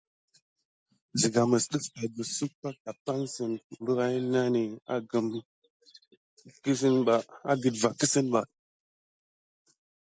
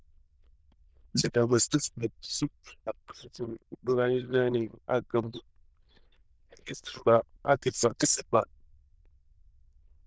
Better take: first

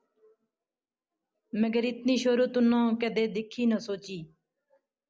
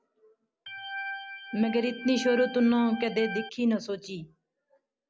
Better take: first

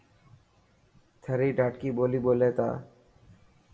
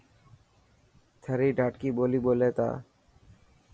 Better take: second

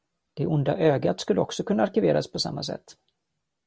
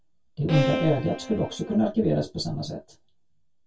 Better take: first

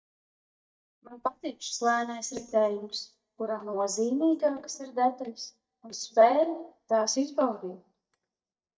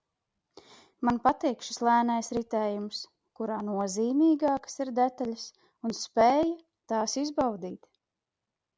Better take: second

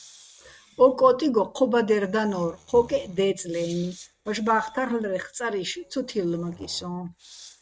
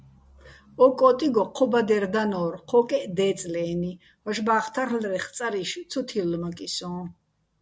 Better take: second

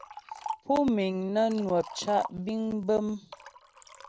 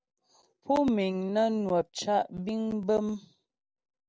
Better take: second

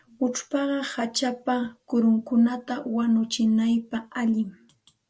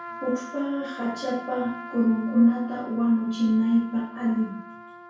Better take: first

